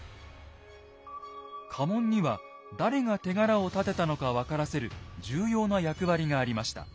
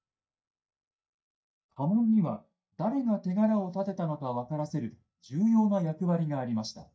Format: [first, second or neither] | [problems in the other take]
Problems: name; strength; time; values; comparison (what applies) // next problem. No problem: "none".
first | noise reduction (neural mask model DeepFilterNet 3)